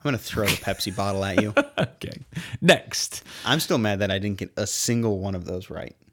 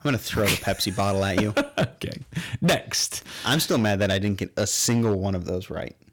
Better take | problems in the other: first | distortion; heavy; 6% of the sound clipped

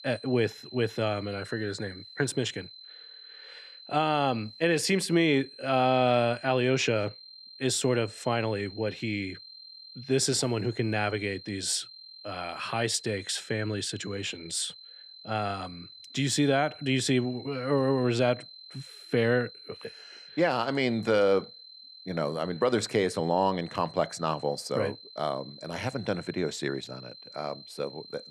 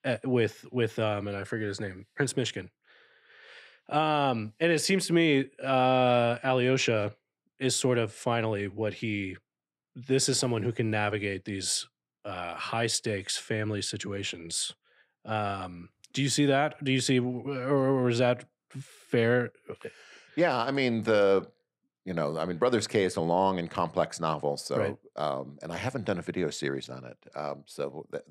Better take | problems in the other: second | high-pitched whine; noticeable; throughout; 4 kHz, 15 dB below the speech

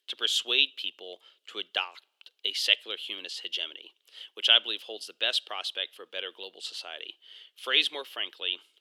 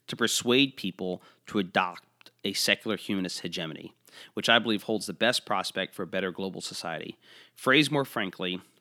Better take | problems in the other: second | thin; very; fading below 400 Hz

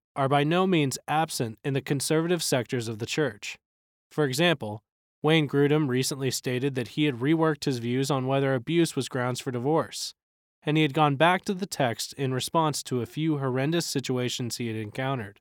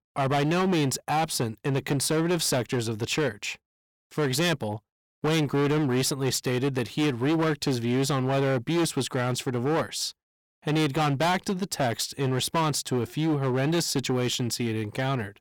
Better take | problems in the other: first | distortion; heavy; 16% of the sound clipped

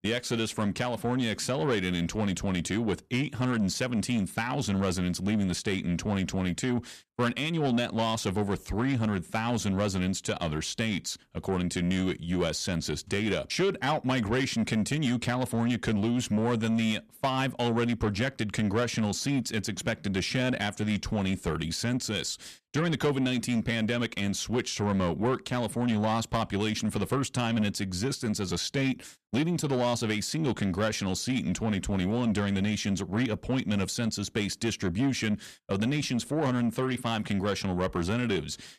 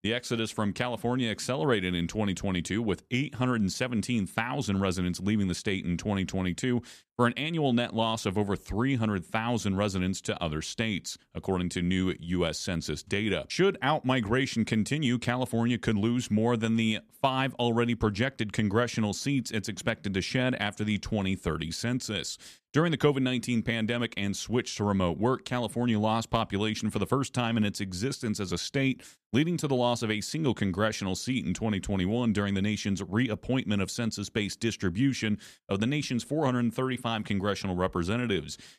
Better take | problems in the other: second | distortion; slight; 10 dB below the speech

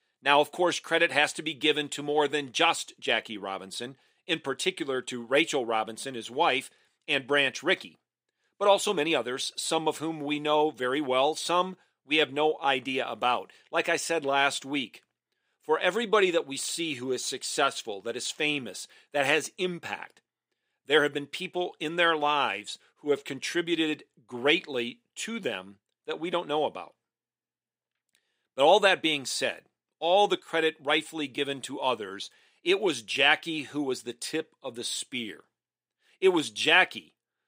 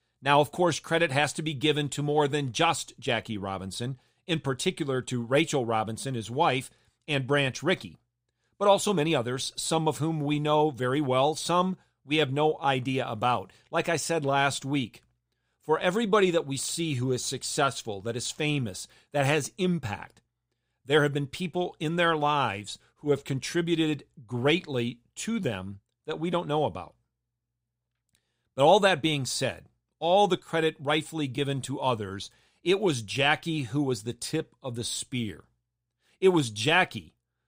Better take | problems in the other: second | thin; very slightly; fading below 350 Hz

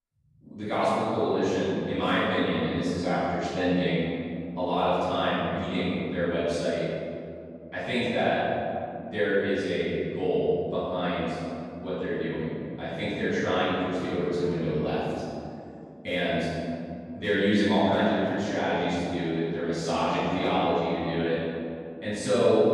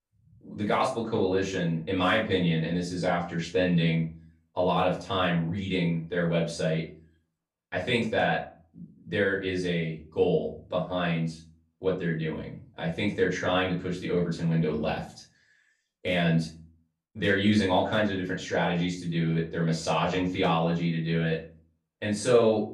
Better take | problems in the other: second | room echo; strong; dies away in 2.5 s; slight in the second // off-mic speech; far; far in the second

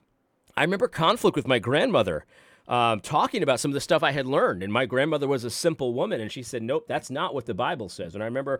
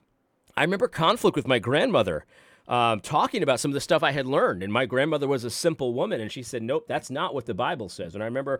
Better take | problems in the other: neither | none

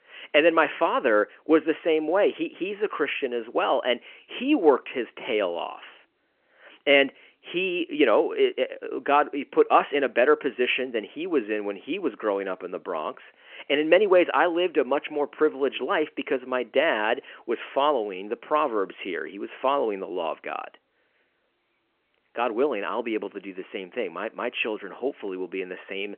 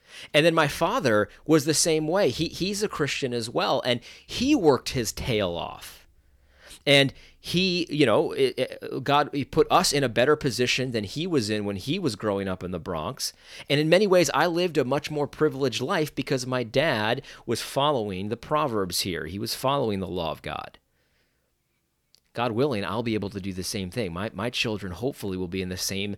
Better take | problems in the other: second | phone-call audio; nothing above 3 kHz

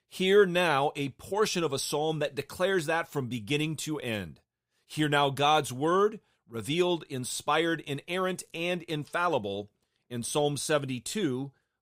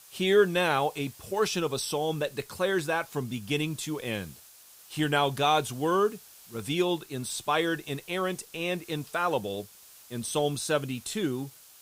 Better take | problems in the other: first | hiss; faint; throughout; 20 dB below the speech

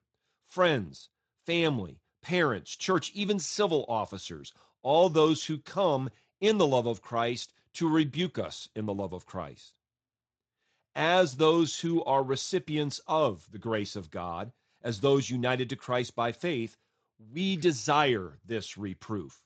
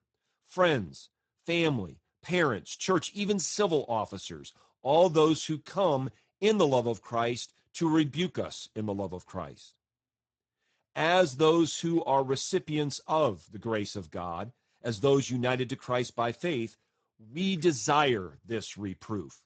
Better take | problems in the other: first | garbled, watery; badly; nothing above 7.5 kHz; slightly in the first

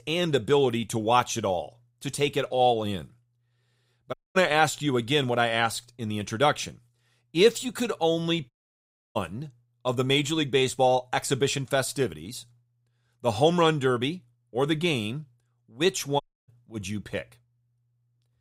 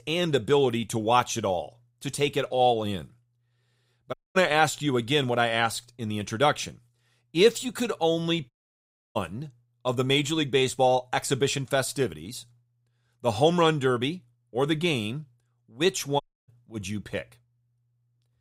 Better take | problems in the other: neither | audio cutting out; at 4 s, at 8.5 s for 0.5 s and at 16 s; the same in both

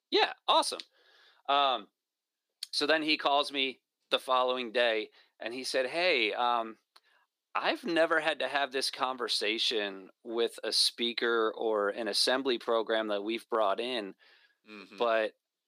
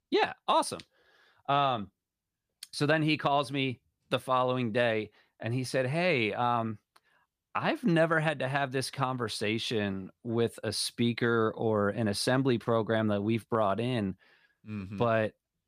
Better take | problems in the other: second | thin; somewhat; fading below 300 Hz

